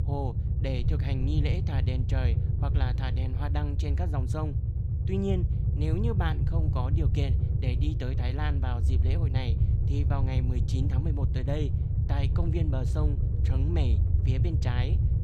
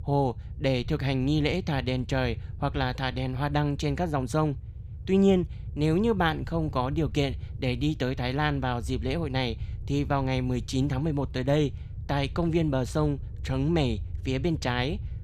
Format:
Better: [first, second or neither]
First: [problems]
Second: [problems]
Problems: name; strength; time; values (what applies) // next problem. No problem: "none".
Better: second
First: low rumble; loud; throughout; 4 dB below the speech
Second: low rumble; faint; throughout; 25 dB below the speech